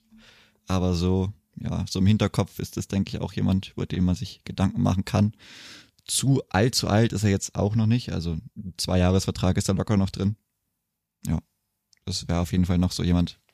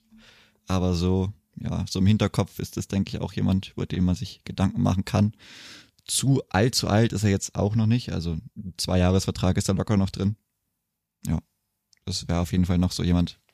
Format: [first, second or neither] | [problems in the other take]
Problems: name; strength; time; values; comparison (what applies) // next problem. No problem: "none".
neither | none